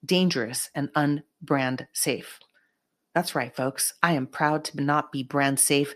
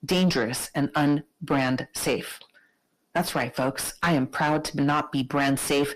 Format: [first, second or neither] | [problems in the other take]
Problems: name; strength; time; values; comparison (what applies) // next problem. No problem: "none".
first | distortion; heavy; 5 dB below the speech